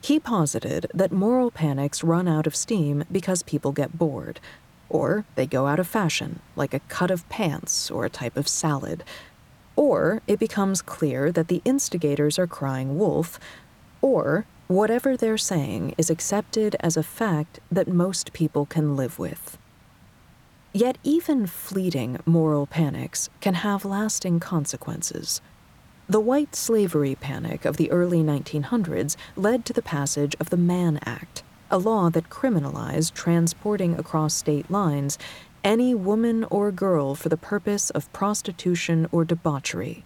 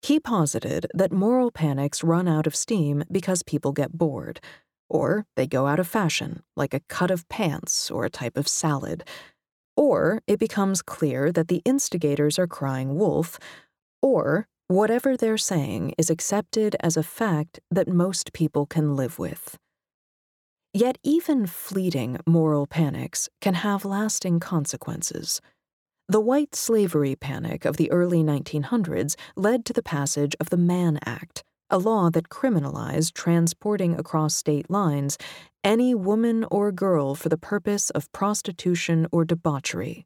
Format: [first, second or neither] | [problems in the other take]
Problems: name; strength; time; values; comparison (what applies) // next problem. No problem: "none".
second | hiss; faint; throughout; 30 dB below the speech